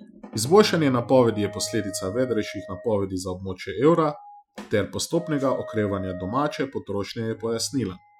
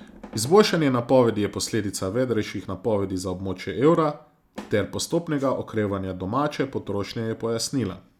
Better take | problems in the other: second | noise reduction (classical method Wiener filter)

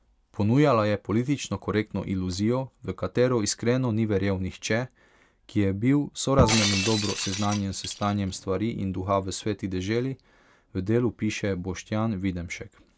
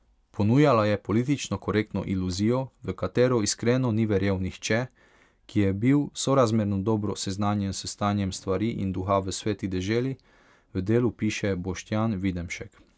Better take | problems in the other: second | background sound (Shatter); 4 dB below the speech

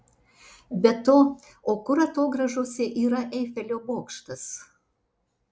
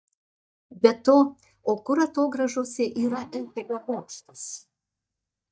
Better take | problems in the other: first | noise reduction (neural mask model DeepFilterNet 3)

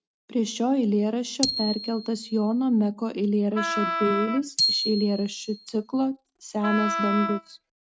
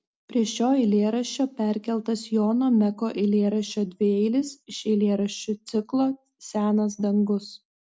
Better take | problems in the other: second | noise reduction (neural mask model RNNoise)

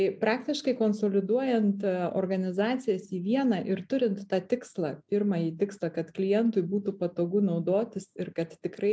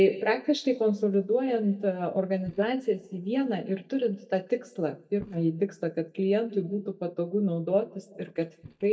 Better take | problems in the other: first | noise reduction (neural mask model DeepFilterNet 3)

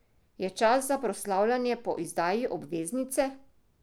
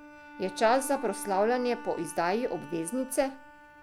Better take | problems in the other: first | background sound (Bowed string instrument); 15 dB below the speech

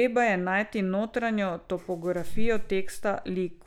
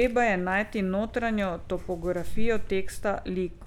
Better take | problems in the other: first | background sound (Vehicle); 14 dB below the speech

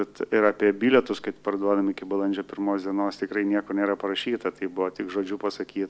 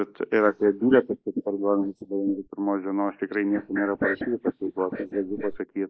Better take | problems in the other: first | noise reduction (neural mask model Resemble Enhance denoiser)

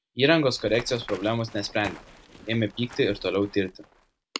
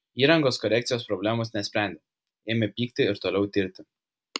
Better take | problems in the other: second | background sound (Run); 18 dB below the speech

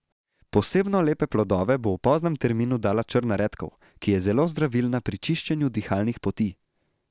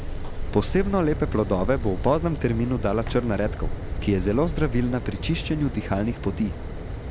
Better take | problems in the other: first | background sound (Fire); 4 dB below the speech

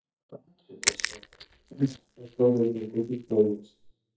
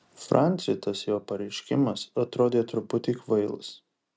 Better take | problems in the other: second | noise reduction (neural mask model DeepFilterNet 3)

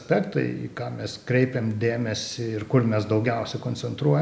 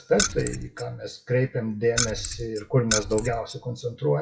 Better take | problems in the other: first | noise reduction (classical method WPE with log-MMSE)

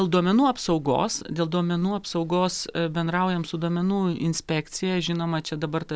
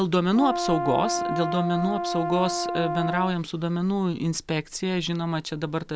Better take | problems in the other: first | background sound (Brass instrument); 3 dB below the speech

